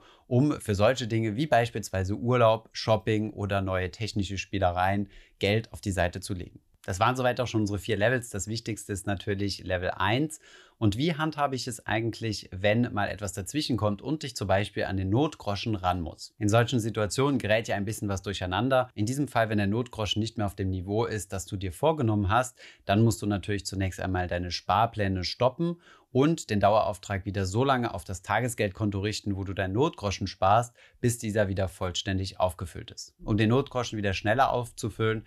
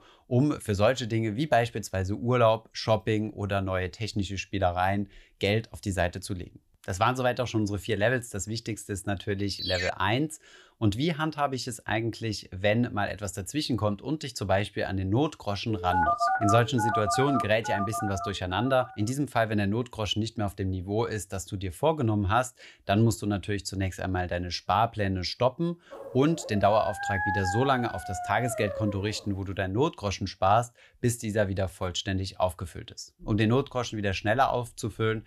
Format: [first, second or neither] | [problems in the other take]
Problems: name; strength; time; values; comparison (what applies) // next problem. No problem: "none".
first | phone ringing; noticeable; at 9.5 s; peak 3 dB below the speech // phone ringing; loud; from 16 to 19 s; peak 4 dB above the speech // dog barking; noticeable; from 26 to 29 s; peak 1 dB below the speech